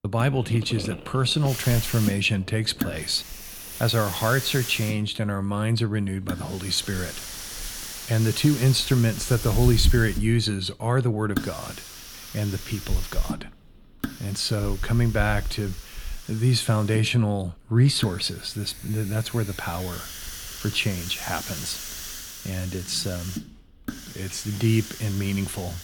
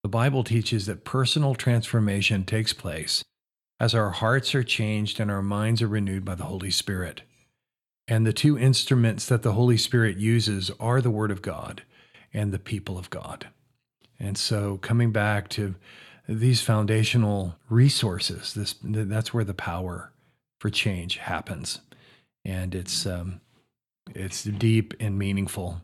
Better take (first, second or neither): second